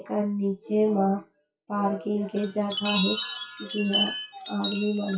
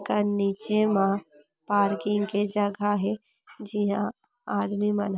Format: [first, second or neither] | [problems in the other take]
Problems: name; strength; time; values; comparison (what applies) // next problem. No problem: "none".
second | noise reduction (classical method WPE with log-MMSE)